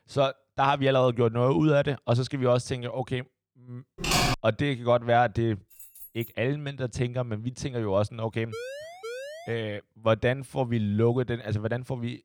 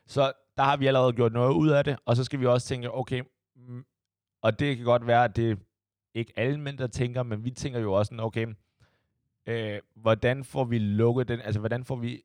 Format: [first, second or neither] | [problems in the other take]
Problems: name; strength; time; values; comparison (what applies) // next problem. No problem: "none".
second | keyboard typing; loud; at 4 s; peak 3 dB above the speech // jangling keys; faint; at 5.5 s; peak 15 dB below the speech // siren; faint; from 8.5 to 9.5 s; peak 10 dB below the speech